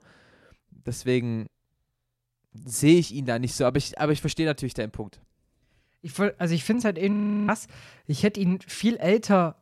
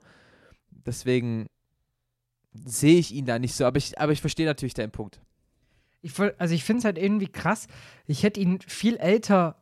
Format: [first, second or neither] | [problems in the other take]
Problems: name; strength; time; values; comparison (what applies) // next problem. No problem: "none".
second | audio freezing; at 7 s